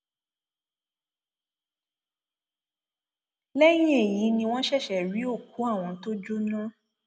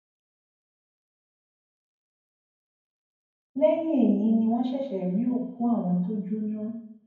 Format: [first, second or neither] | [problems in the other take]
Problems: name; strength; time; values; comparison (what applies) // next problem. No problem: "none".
first | room echo; dies away in 0.9 s